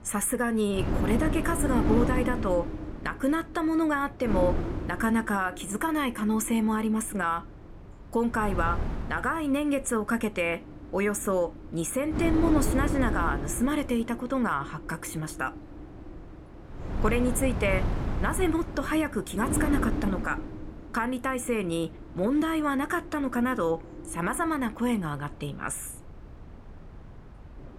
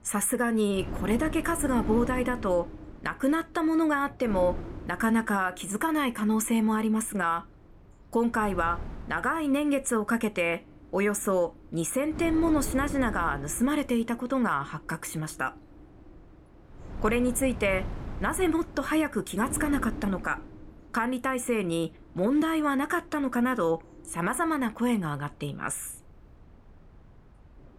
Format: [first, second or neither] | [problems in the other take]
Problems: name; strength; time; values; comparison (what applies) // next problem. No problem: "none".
second | wind noise on the microphone; heavy; 9 dB below the speech; occasional gusts in the second